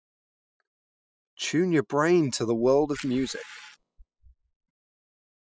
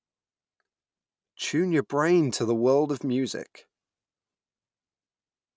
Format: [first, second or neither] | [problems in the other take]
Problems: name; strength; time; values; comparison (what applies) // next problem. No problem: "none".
second | noise reduction (classical method spectral subtraction)